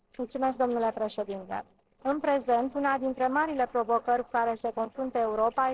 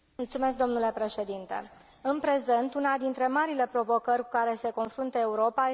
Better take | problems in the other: second | noise reduction (neural separator model SepFormer DNS4)

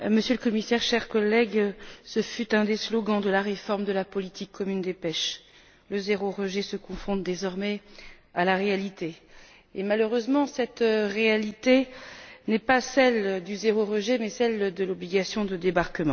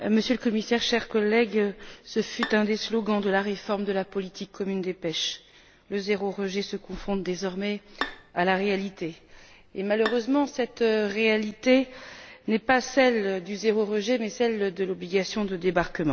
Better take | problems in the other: first | background sound (Bowed string instrument); 14 dB below the speech

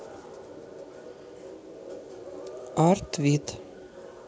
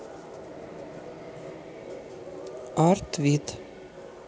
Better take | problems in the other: first | background sound (Train); 17 dB below the speech

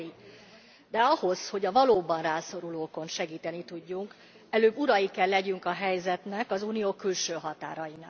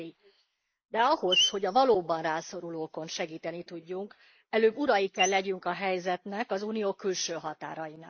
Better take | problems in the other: first | noise reduction (neural mask model Resemble Enhance denoiser)

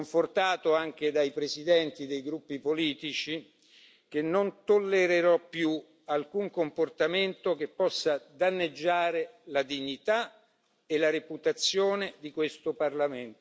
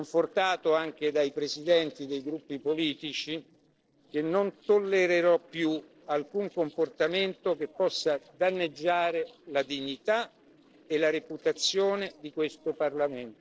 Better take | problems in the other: first | noise reduction (neural separator model SepFormer DNS4)

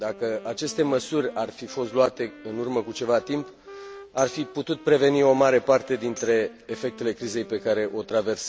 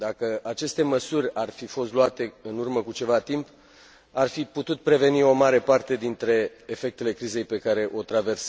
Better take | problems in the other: second | background sound (Tambourine + Wind instrument, woodwind instrument); 19 dB below the speech

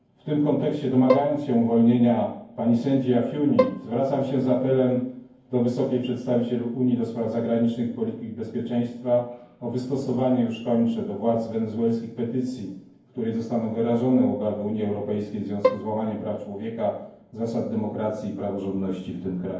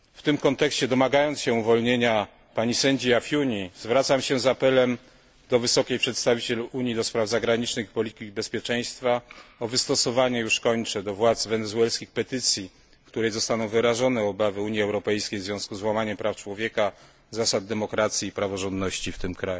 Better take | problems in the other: second | background sound (Bowed string instrument); 5 dB below the speech // room echo; dies away in 0.9 s

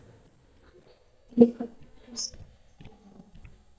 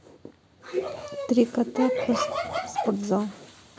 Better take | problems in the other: second | noise reduction (neural mask model DeepFilterNet 3)

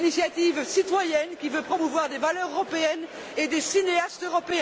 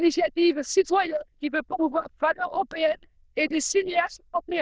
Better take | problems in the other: first | noise reduction (neural diffusion model UNIVERSE++)

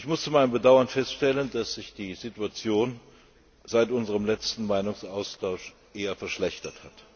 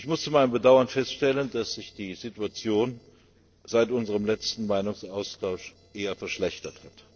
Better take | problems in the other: first | noise reduction (neural separator model SepFormer DNS4)

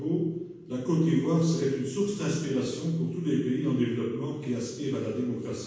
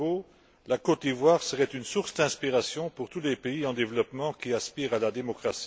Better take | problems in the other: second | room echo; dies away in 1.2 s

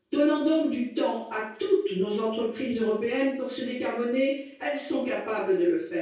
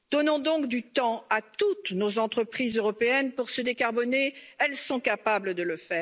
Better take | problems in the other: second | room echo; dies away in 0.6 s

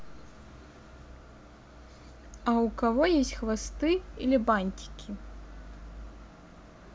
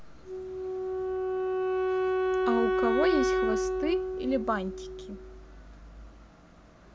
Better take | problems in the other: first | background sound (Wind instrument, woodwind instrument); 4 dB above the speech

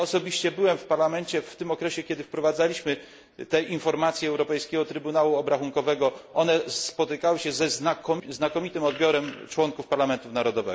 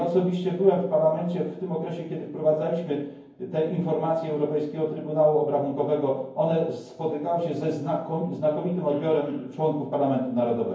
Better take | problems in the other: first | room echo; dies away in 0.9 s

